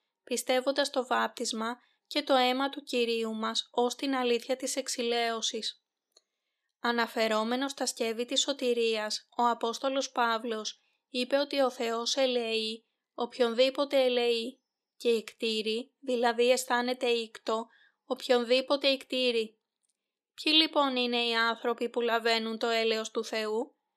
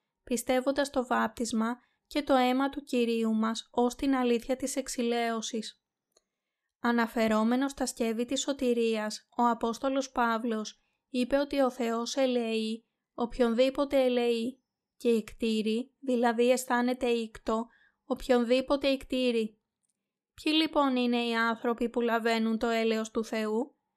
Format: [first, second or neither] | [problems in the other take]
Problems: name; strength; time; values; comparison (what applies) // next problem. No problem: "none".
second | thin; very slightly; fading below 350 Hz